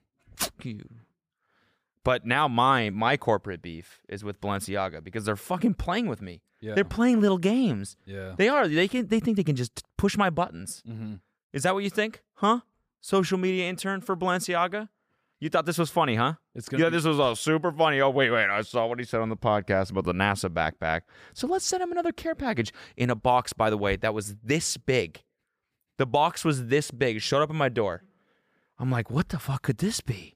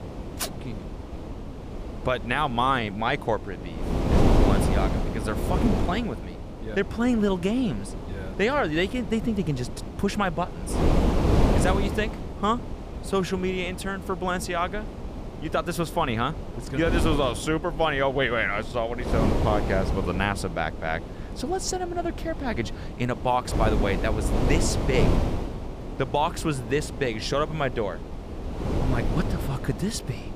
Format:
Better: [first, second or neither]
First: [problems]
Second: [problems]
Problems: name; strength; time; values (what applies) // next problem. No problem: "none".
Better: first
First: none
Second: wind noise on the microphone; heavy; 7 dB below the speech